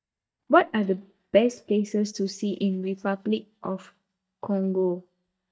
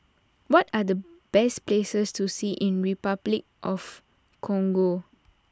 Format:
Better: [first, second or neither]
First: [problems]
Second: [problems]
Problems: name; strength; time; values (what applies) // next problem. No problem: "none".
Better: second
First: noise reduction (neural mask model DeepFilterNet 3)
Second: none